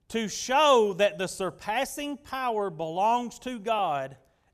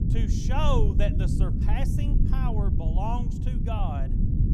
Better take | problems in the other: first | low rumble; loud; throughout; 5 dB below the speech

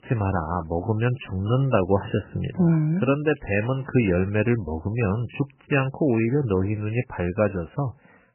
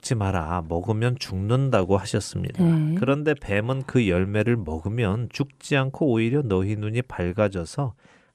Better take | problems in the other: second | garbled, watery; badly; nothing above 3 kHz

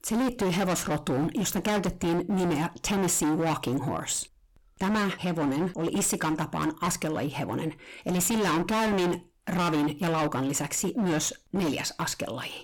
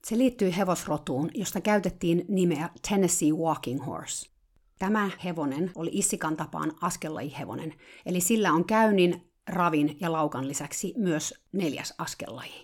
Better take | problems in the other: second | distortion; heavy; 24% of the sound clipped

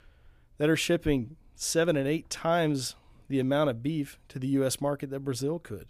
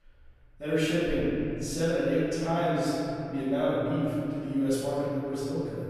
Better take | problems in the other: first | off-mic speech; far // room echo; strong; dies away in 2.7 s

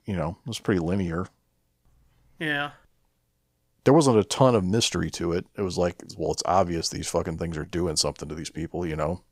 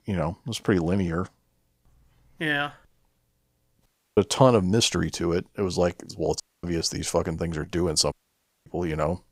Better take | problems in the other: first | audio cutting out; at 4 s, at 6.5 s and at 8 s for 0.5 s

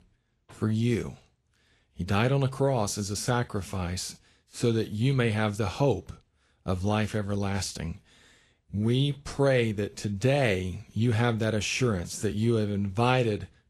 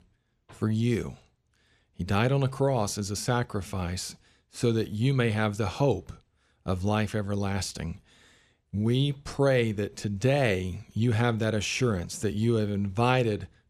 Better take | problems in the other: second | garbled, watery; slightly; nothing above 11.5 kHz

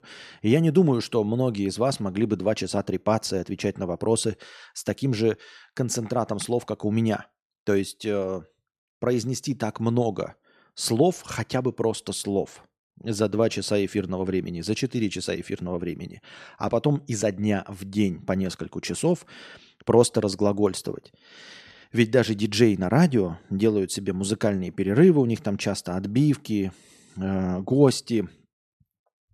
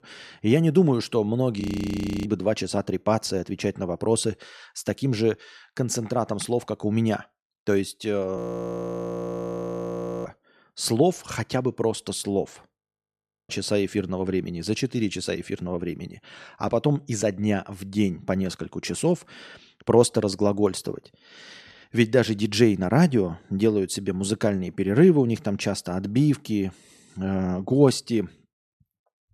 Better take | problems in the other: first | audio freezing; at 1.5 s for 0.5 s, at 8.5 s for 2 s and at 13 s for 0.5 s

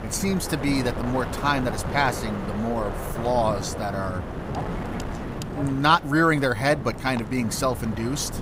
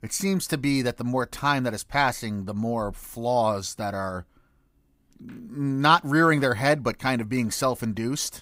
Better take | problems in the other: second | wind noise on the microphone; heavy; 10 dB below the speech

